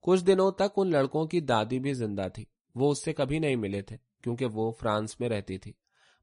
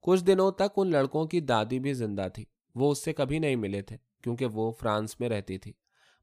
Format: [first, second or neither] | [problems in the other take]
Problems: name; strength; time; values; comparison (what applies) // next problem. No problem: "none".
second | garbled, watery; slightly; nothing above 10.5 kHz